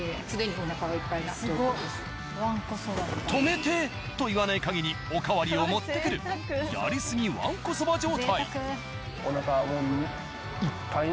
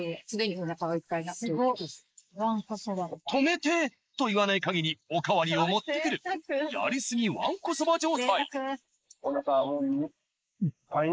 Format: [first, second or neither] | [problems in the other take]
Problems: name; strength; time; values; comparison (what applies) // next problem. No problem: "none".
first | noise reduction (neural mask model Resemble Enhance denoiser)